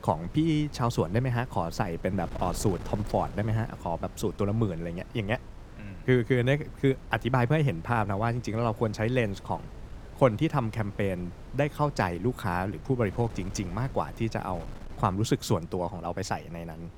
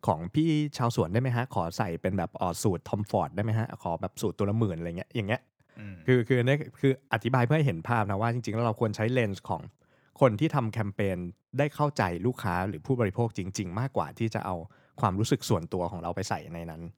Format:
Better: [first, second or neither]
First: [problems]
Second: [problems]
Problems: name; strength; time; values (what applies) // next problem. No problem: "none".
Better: second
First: wind noise on the microphone; occasional gusts; 20 dB below the speech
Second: none